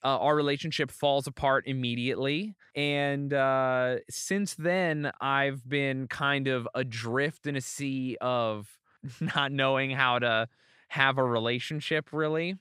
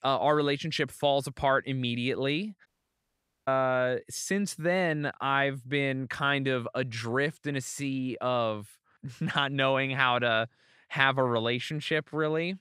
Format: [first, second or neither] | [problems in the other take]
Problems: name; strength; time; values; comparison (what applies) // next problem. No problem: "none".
first | audio cutting out; at 2.5 s for 1 s